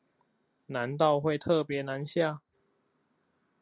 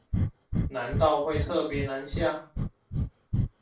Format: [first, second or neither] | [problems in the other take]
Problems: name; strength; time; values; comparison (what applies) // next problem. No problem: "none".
first | background sound (Breathing); as loud as the speech // room echo; dies away in 0.3 s